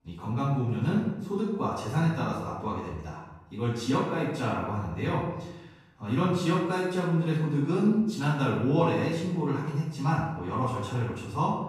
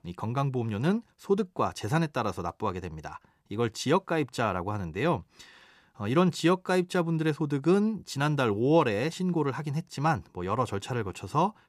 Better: second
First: off-mic speech; far // room echo; noticeable; dies away in 0.8 s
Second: none

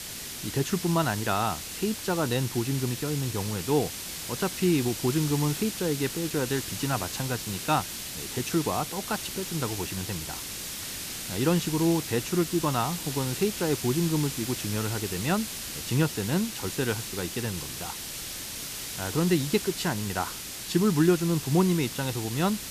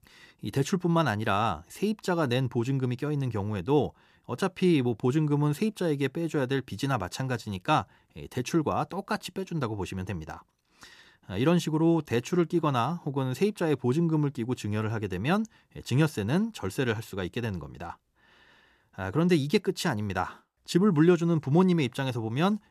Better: second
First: hiss; loud; throughout; 6 dB below the speech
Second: none

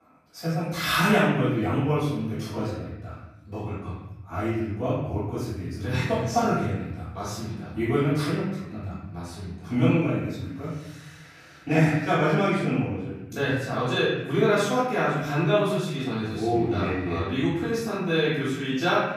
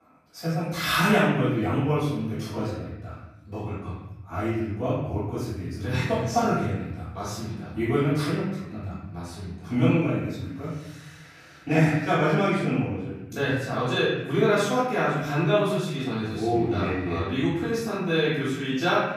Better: neither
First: off-mic speech; far // room echo; strong; dies away in 1 s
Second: off-mic speech; far // room echo; strong; dies away in 1 s

